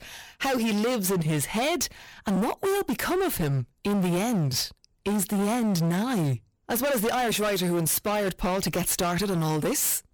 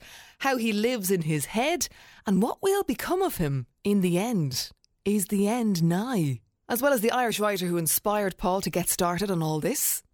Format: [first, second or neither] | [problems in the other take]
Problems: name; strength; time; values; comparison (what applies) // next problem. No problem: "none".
second | distortion; heavy; 28% of the sound clipped